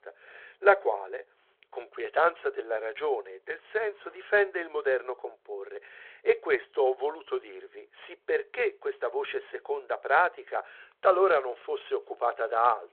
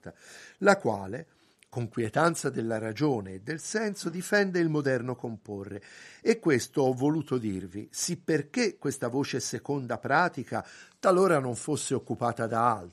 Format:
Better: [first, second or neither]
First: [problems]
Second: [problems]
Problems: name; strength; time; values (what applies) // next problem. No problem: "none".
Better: second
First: phone-call audio; nothing above 4 kHz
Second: none